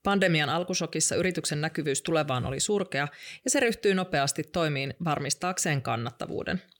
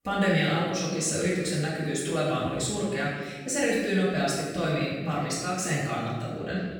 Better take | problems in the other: first | off-mic speech; far // room echo; strong; dies away in 1.2 s

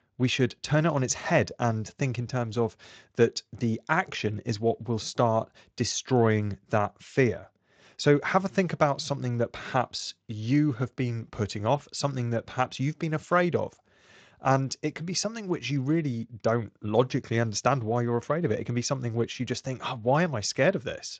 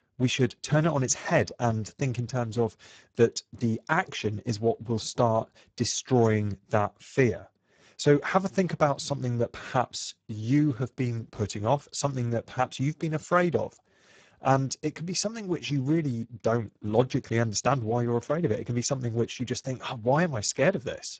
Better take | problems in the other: first | garbled, watery; badly; nothing above 7.5 kHz; slightly in the first

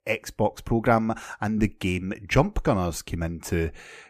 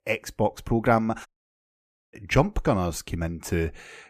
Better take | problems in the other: first | audio cutting out; at 1.5 s for 1 s

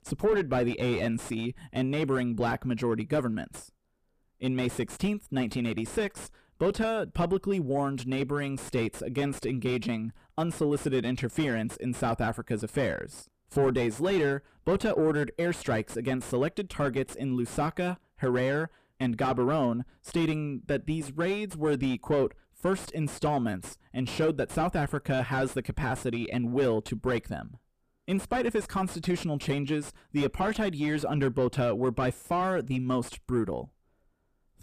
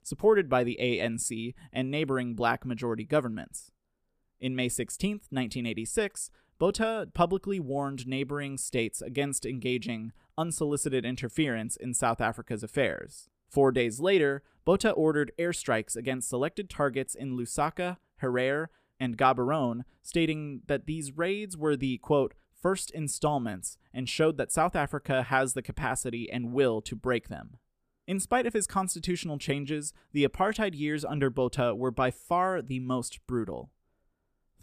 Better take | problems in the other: second | distortion; heavy; 6 dB below the speech

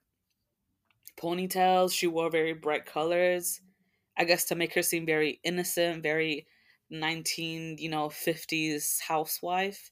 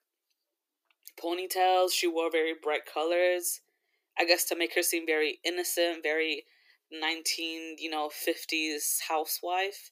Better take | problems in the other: first | thin; very; fading below 350 Hz

